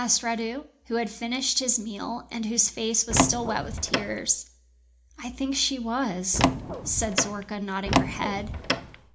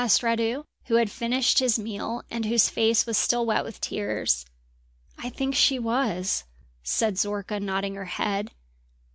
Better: second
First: background sound (Door); 1 dB above the speech // room echo; dies away in 0.4 s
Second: none

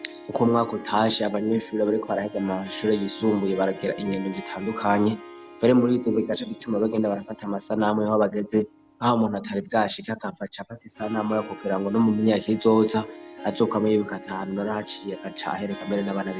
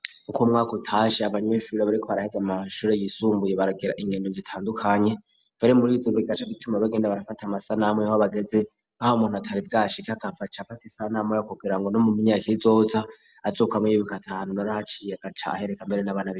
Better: second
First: background sound (Harp); 17 dB below the speech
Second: none

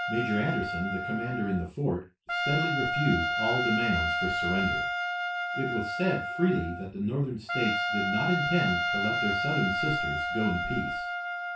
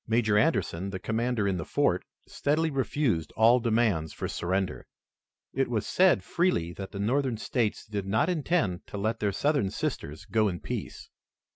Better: second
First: background sound (Trumpet); as loud as the speech // room echo; dies away in 0.2 s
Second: none

